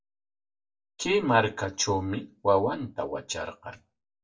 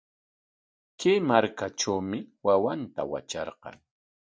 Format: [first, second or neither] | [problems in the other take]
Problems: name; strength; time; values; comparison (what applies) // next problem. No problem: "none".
second | room echo; dies away in 0.2 s